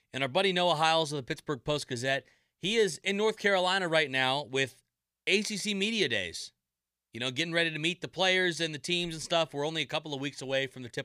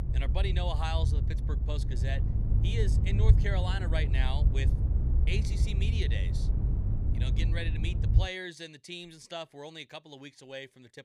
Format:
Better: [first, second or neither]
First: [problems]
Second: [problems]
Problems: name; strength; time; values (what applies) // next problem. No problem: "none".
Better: first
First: none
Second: low rumble; loud; until 8.5 s; 6 dB below the speech